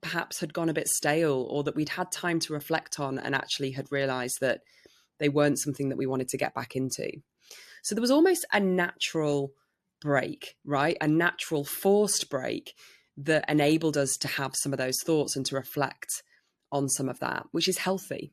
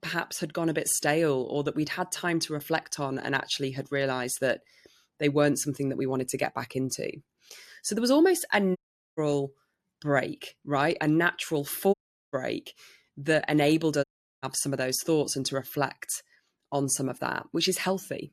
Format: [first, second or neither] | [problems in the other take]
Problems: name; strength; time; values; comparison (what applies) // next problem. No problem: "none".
first | audio cutting out; at 9 s, at 12 s and at 14 s